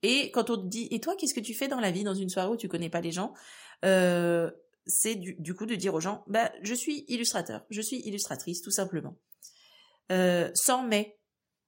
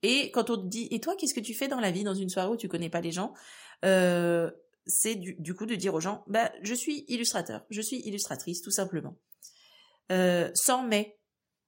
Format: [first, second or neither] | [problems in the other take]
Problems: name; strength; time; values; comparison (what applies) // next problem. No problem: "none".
neither | none